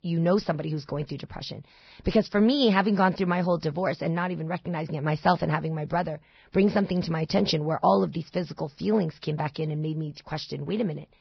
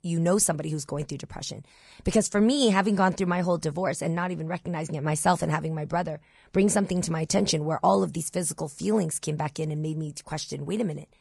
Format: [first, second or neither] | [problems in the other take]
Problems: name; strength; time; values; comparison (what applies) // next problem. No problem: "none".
second | garbled, watery; badly; nothing above 5.5 kHz; slightly in the second